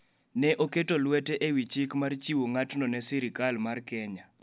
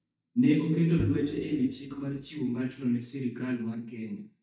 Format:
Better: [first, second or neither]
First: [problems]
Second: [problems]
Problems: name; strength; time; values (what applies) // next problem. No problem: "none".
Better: first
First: none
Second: noise reduction (neural mask model DeepFilterNet 3)